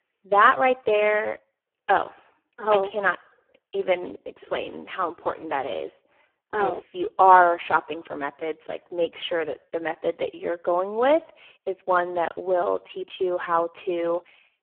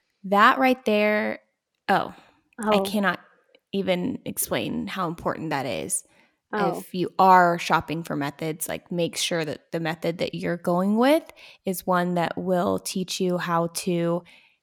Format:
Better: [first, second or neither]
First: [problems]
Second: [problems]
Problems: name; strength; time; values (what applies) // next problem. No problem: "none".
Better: second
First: phone-call audio; poor line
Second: none